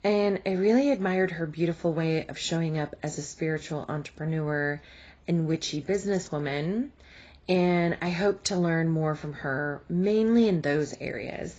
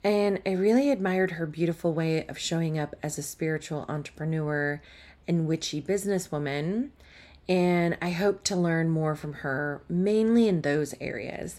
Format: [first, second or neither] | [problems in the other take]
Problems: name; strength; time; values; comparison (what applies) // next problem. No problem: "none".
second | garbled, watery; badly; nothing above 8 kHz